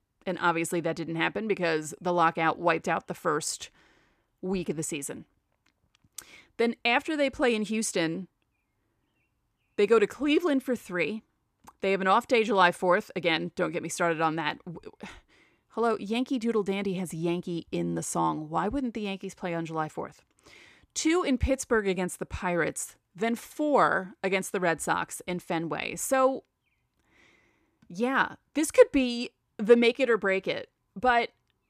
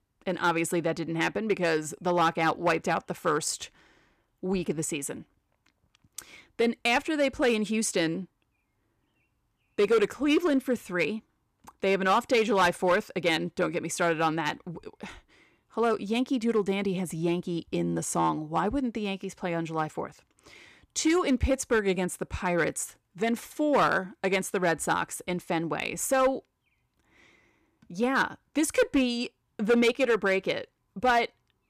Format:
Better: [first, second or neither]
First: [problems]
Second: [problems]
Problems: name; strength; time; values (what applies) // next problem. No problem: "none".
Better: first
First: none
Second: distortion; slight; 3% of the sound clipped